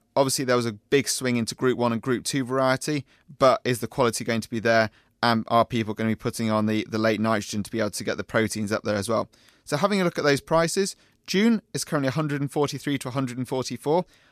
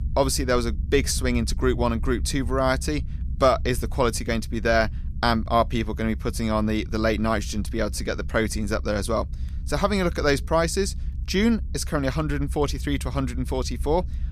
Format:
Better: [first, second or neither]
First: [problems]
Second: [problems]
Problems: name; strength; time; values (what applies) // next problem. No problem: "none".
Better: first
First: none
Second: low rumble; faint; throughout; 25 dB below the speech